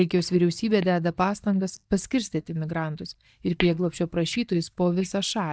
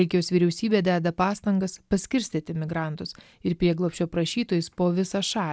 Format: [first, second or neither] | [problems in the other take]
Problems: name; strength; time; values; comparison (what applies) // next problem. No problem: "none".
second | noise reduction (neural mask model DeepFilterNet 3)